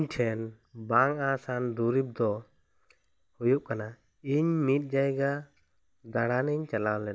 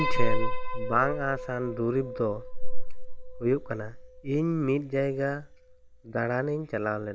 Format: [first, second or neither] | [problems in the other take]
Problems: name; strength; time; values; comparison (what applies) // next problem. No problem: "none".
first | background sound (Piano); 3 dB above the speech